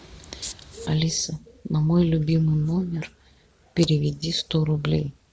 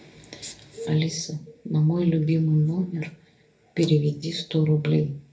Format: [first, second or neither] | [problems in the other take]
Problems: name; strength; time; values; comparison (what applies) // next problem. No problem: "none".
first | room echo; dies away in 0.3 s